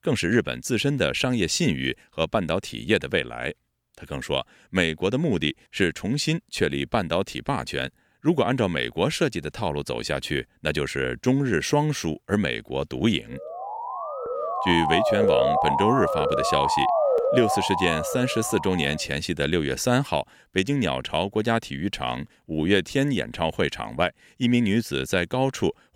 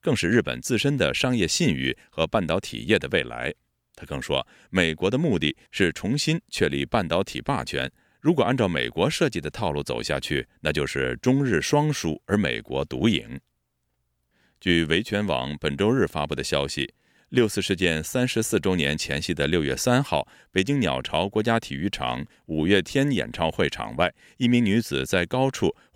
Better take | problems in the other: second | siren; loud; from 13 to 19 s; peak 5 dB above the speech

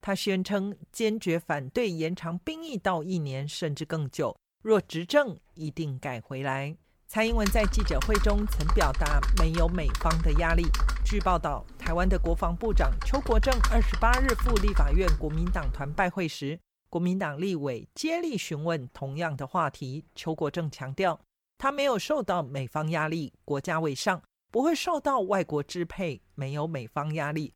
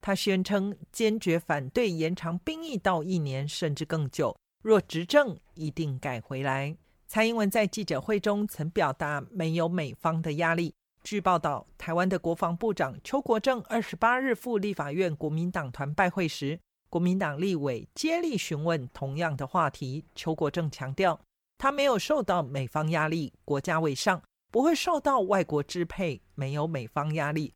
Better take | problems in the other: second | keyboard typing; loud; from 7.5 to 16 s; peak 3 dB above the speech

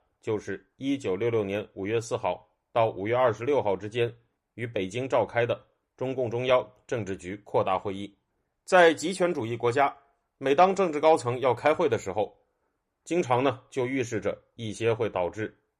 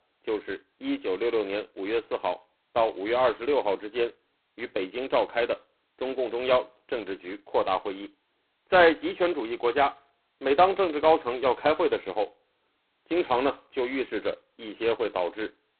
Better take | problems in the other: first | phone-call audio; poor line; nothing above 4 kHz

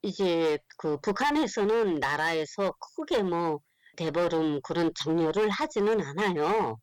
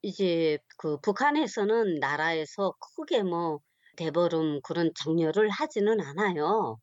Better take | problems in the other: second | distortion; slight; 15% of the sound clipped

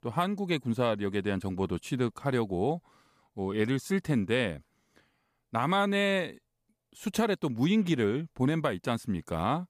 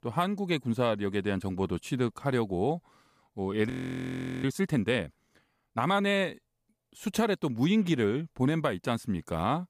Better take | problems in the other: first | audio freezing; at 3.5 s for 0.5 s

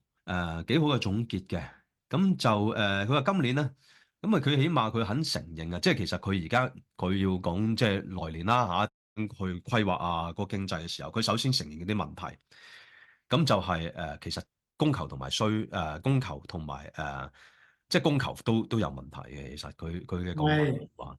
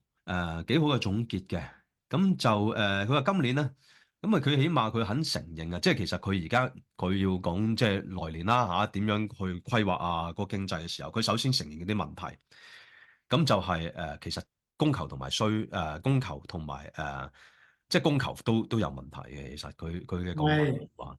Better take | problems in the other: second | audio cutting out; at 9 s

